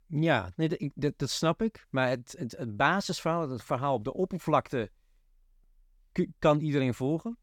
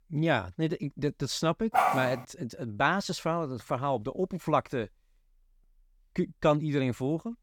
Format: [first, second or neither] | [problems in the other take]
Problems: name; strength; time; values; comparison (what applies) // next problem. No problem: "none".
first | dog barking; loud; at 1.5 s; peak 4 dB above the speech